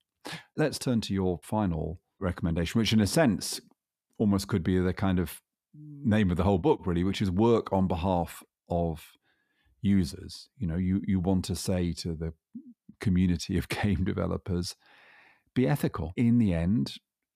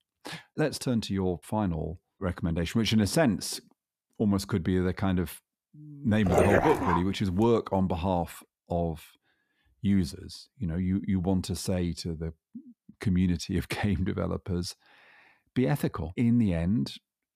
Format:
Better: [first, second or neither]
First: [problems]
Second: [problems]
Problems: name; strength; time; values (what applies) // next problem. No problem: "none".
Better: first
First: none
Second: dog barking; loud; at 6.5 s; peak 5 dB above the speech